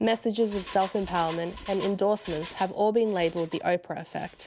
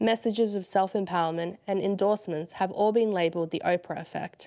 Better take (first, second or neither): second